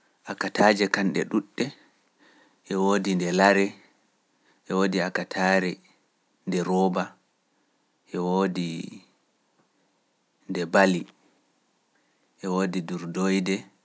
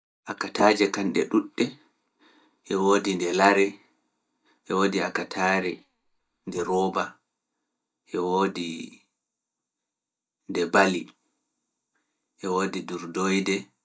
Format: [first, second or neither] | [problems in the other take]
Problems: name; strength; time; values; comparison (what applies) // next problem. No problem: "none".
first | noise reduction (neural mask model DeepFilterNet 3)